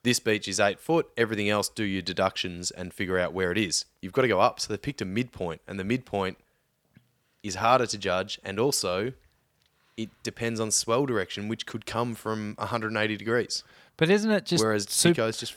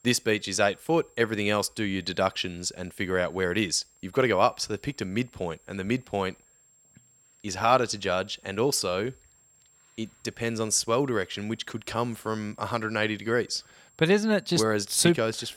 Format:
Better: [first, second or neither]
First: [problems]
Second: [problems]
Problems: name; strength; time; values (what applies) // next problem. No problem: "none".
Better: first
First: none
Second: high-pitched whine; faint; throughout; 7.5 kHz, 30 dB below the speech